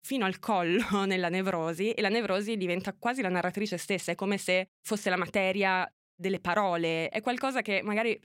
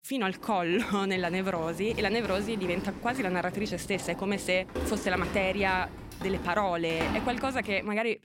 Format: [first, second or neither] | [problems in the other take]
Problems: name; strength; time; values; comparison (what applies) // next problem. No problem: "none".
first | footsteps; noticeable; peak 3 dB below the speech